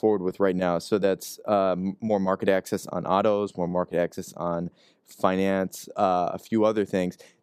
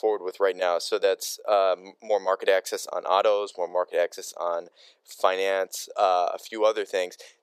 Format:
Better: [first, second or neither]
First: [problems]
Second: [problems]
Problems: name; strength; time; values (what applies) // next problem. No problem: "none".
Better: first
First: none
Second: thin; very; fading below 500 Hz